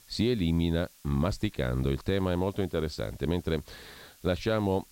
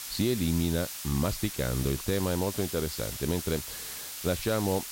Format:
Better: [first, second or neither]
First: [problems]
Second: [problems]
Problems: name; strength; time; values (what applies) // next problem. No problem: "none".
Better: first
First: hiss; faint; throughout; 25 dB below the speech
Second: hiss; loud; throughout; 6 dB below the speech